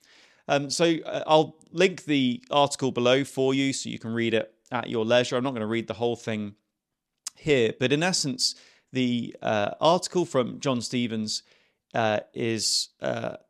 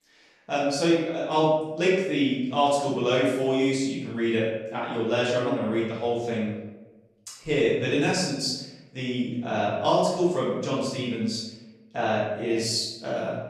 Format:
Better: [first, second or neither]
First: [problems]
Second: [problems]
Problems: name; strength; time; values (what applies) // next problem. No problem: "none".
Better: first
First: none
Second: room echo; noticeable; dies away in 0.8 s // off-mic speech; far